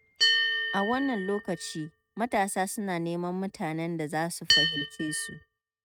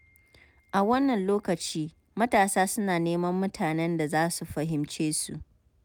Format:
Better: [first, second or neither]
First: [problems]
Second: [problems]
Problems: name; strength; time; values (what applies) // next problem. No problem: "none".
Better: second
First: noise reduction (neural mask model RNNoise)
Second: none